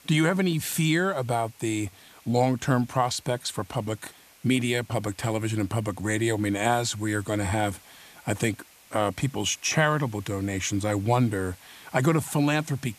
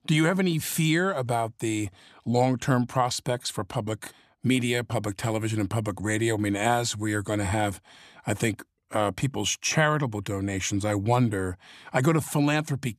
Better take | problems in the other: second | hiss; faint; throughout; 25 dB below the speech

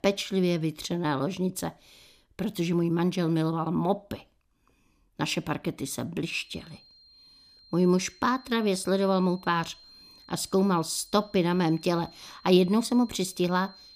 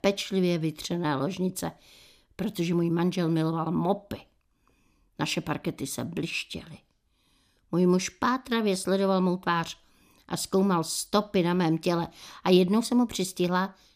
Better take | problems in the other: second | high-pitched whine; faint; from 6.5 s on; 4 kHz, 25 dB below the speech

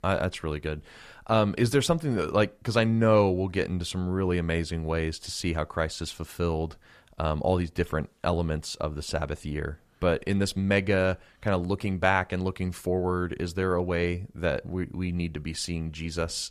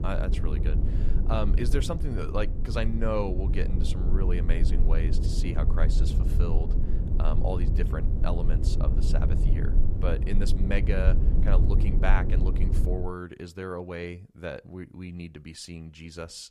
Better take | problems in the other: first | low rumble; loud; until 13 s; 6 dB below the speech

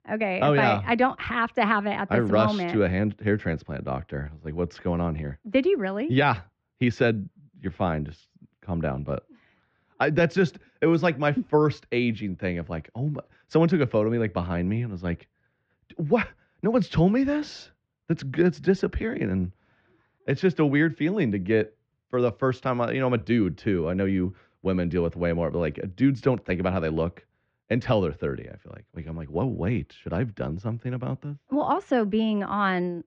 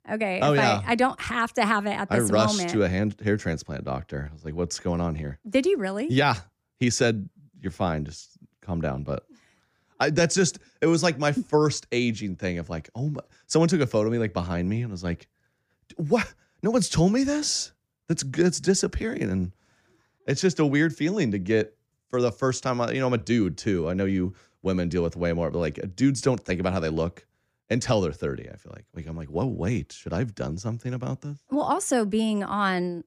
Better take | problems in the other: second | muffled; very; fading above 3.5 kHz

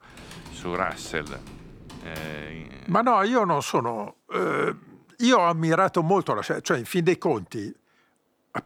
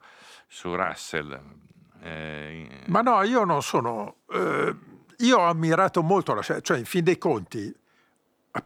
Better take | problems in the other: second | keyboard typing; faint; until 3 s; peak 15 dB below the speech

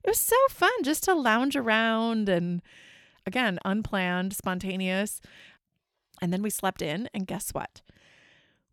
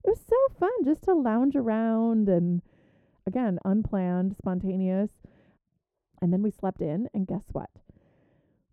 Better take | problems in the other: first | muffled; very; fading above 1.5 kHz

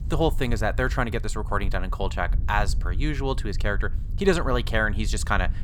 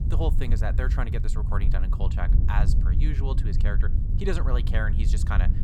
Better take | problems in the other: first | low rumble; loud; throughout; 7 dB below the speech; faint in the first

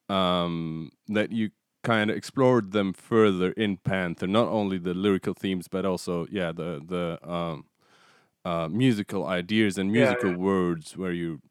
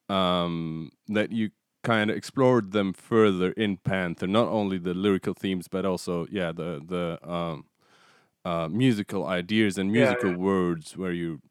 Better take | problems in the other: neither | none

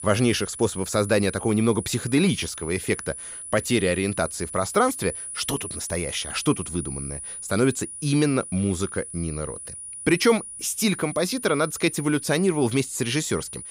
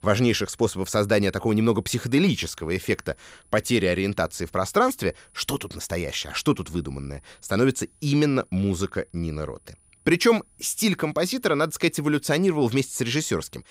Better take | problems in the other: second | high-pitched whine; loud; throughout; 10 kHz, 10 dB below the speech; faint in the second

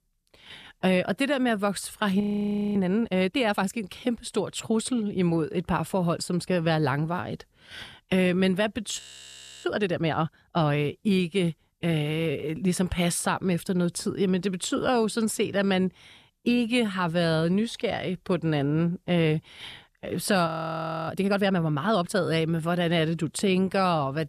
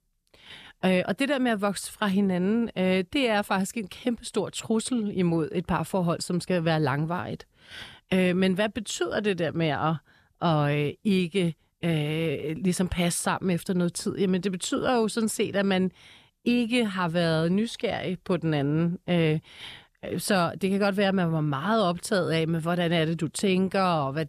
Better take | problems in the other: second | audio freezing; at 2 s for 0.5 s, at 9 s for 0.5 s and at 20 s for 0.5 s

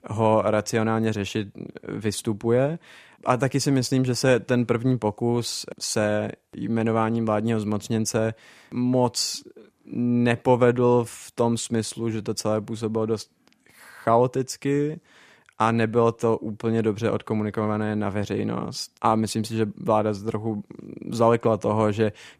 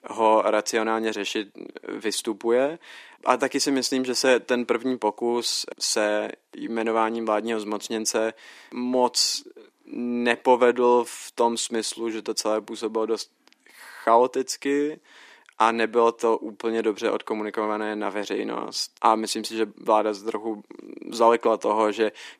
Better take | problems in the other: first | thin; somewhat; fading below 300 Hz

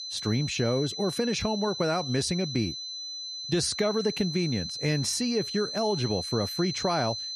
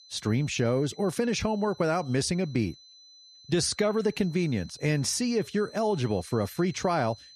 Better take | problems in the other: second | high-pitched whine; loud; throughout; 4 kHz, 5 dB below the speech; faint in the second

